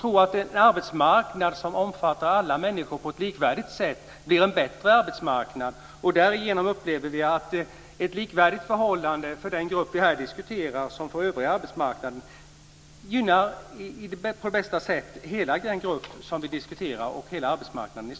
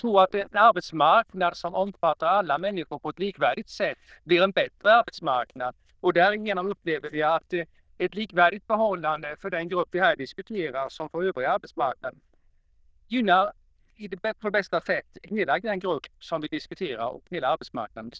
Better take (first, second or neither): first